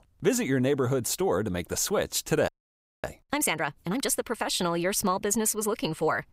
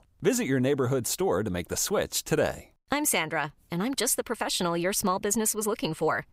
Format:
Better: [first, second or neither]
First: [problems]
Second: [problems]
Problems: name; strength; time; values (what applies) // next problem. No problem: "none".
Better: second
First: audio freezing; at 2.5 s for 0.5 s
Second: none